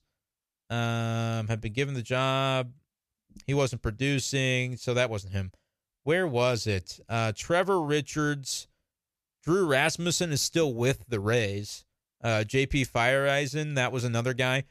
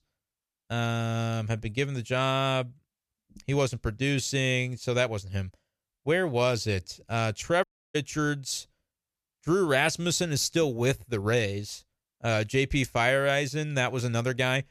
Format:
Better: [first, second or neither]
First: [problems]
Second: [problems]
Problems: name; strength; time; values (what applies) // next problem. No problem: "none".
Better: first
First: none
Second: audio cutting out; at 7.5 s